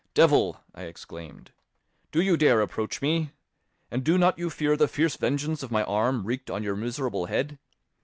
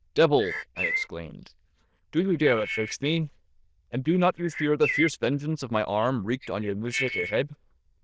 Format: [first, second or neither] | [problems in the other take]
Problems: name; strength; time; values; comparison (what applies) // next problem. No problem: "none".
first | noise reduction (neural diffusion model UNIVERSE++)